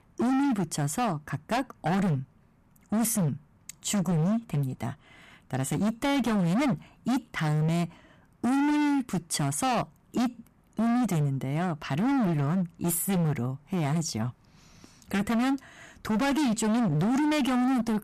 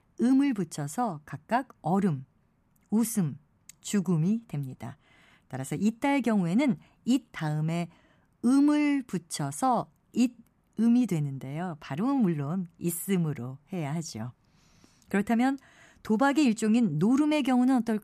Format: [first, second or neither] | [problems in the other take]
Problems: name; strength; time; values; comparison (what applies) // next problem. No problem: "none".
second | distortion; heavy; 27% of the sound clipped